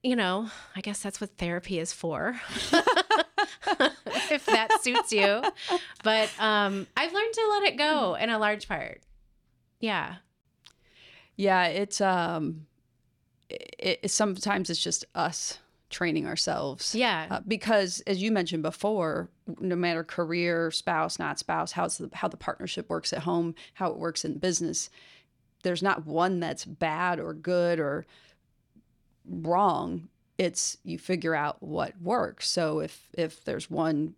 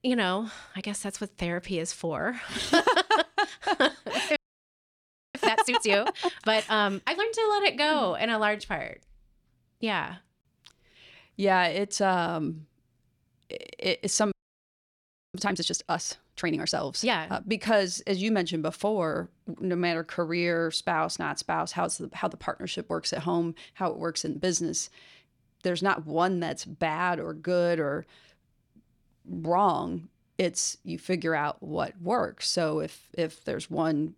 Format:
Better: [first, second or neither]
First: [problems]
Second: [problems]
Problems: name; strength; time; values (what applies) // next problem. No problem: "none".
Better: first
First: none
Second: audio freezing; at 4.5 s for 1 s and at 14 s for 1 s